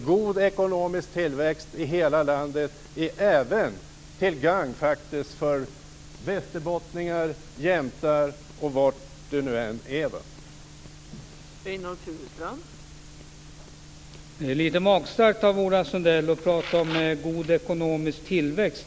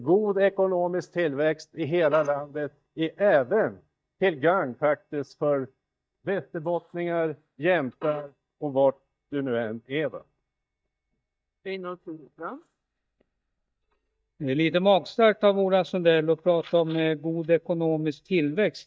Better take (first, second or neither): first